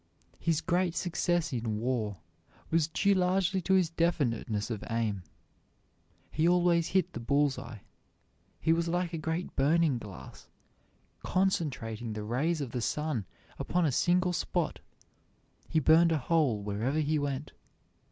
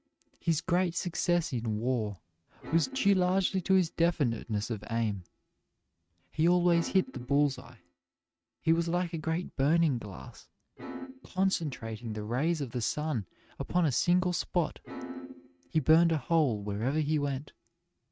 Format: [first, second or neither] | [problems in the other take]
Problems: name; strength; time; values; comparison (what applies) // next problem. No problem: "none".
first | noise reduction (neural mask model RNNoise)